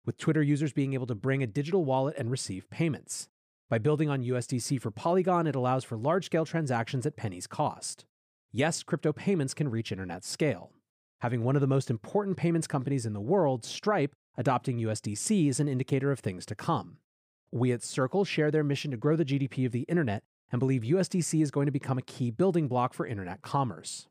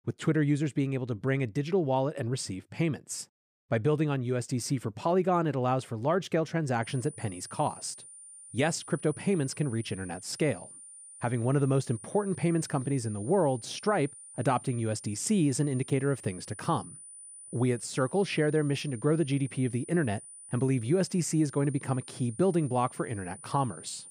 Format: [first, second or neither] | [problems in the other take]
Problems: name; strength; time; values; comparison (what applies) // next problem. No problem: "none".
first | high-pitched whine; noticeable; from 7 s on; 9.5 kHz, 15 dB below the speech